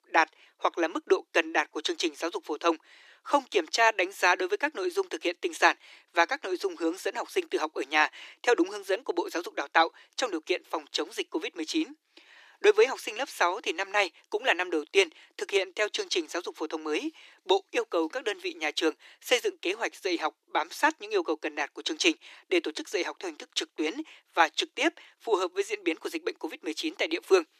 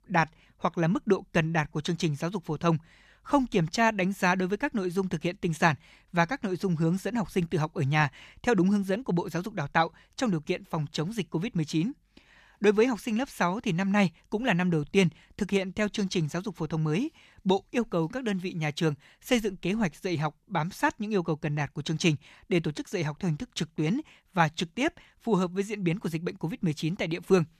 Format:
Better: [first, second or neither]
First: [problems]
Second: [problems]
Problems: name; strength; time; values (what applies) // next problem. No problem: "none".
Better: second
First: thin; very; fading below 300 Hz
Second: none